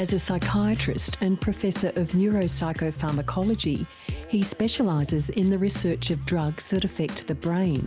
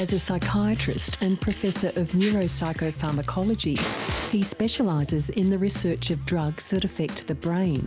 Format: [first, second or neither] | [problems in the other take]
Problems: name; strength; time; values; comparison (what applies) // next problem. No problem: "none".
first | background sound (Fire); 15 dB below the speech